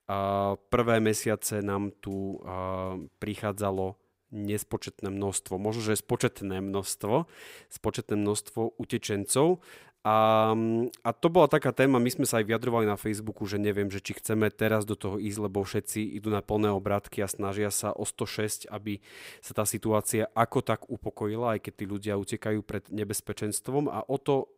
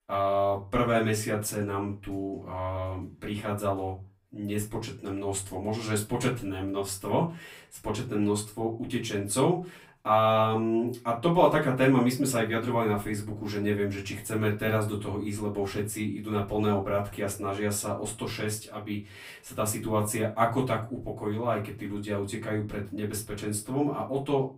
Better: first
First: none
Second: off-mic speech; far // room echo; very slight; dies away in 0.2 s

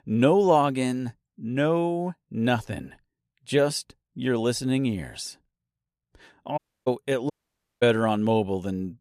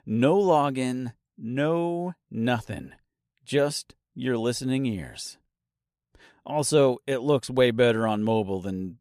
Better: second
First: audio cutting out; at 6.5 s and at 7.5 s for 0.5 s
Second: none

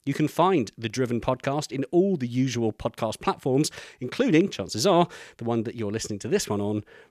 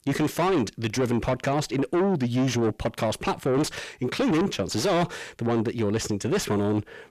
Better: first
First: none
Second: distortion; heavy; 6 dB below the speech

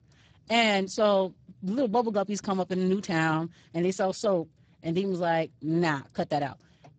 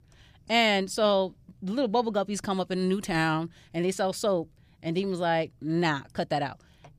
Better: second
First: garbled, watery; badly; nothing above 7.5 kHz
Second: none

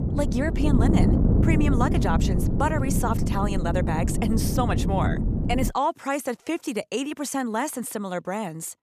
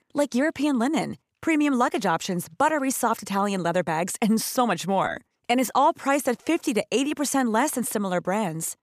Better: second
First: wind noise on the microphone; heavy; until 5.5 s; 4 dB below the speech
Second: none

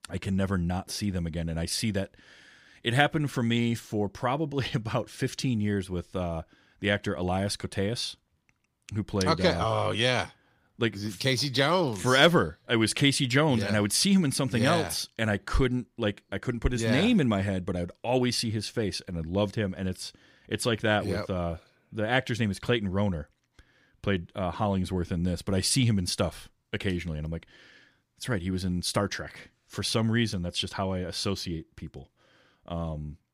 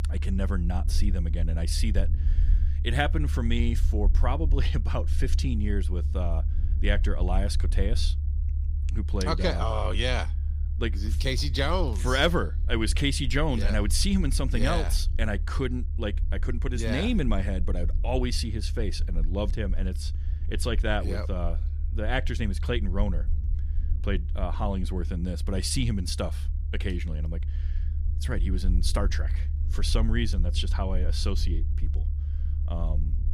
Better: first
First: none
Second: low rumble; noticeable; throughout; 15 dB below the speech

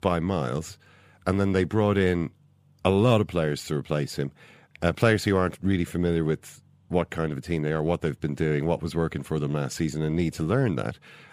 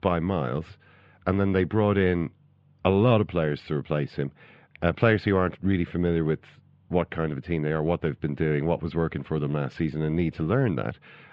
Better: first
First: none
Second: muffled; slightly; fading above 3.5 kHz

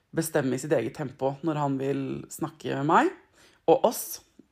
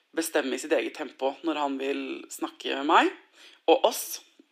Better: first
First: none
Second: thin; very slightly; fading below 300 Hz

